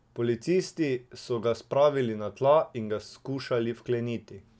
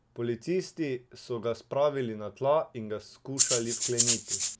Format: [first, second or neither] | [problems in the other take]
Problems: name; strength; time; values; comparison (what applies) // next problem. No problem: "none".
first | background sound (Rattle (instrument)); 4 dB above the speech